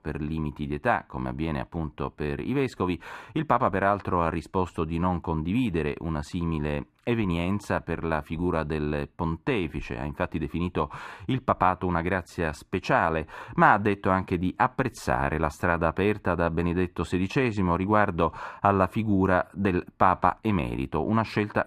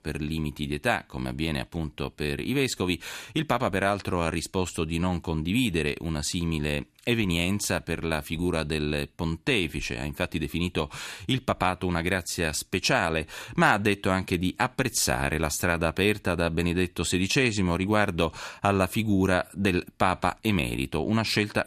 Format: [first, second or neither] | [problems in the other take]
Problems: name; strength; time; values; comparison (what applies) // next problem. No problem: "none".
second | muffled; very; fading above 2.5 kHz